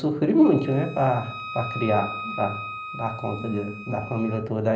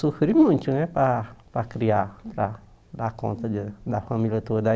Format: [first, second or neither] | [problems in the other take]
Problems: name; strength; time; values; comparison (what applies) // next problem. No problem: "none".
second | background sound (Wind instrument, woodwind instrument); 12 dB below the speech // room echo; dies away in 0.5 s